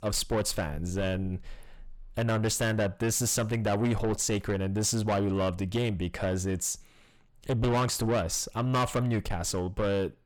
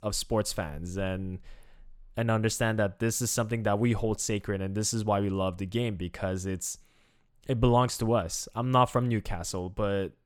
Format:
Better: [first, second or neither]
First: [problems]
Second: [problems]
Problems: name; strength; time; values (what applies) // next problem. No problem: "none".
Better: second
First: distortion; heavy; 7 dB below the speech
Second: none